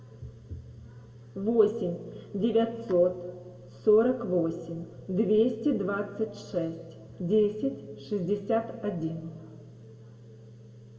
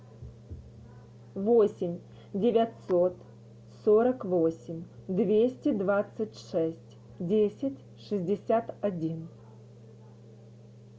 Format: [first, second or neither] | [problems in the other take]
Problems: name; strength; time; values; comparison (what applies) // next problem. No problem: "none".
second | room echo; dies away in 1.2 s